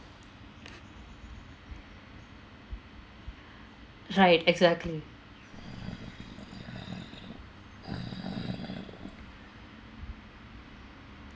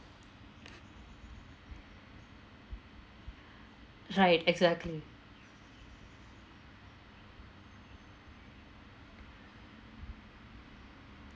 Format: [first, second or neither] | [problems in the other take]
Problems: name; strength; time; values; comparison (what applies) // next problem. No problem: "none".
second | background sound (Animal); 7 dB below the speech